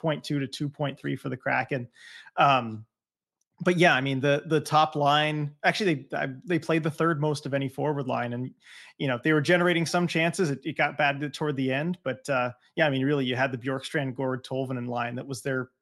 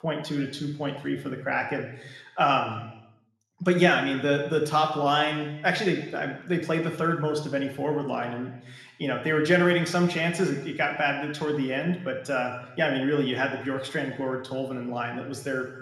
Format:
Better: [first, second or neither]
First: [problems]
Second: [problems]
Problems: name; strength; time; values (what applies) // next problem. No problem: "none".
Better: first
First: none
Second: room echo; slight; dies away in 0.9 s